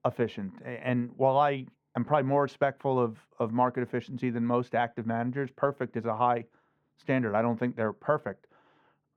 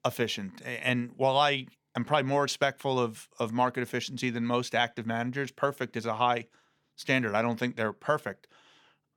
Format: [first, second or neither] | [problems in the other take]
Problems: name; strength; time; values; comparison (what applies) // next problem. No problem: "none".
second | muffled; very; fading above 2.5 kHz